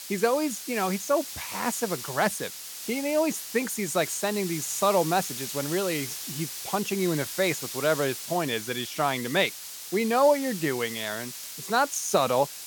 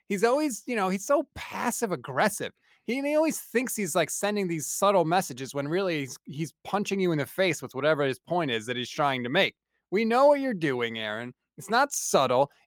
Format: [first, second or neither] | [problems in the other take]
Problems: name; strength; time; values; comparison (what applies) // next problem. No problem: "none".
second | hiss; loud; throughout; 8 dB below the speech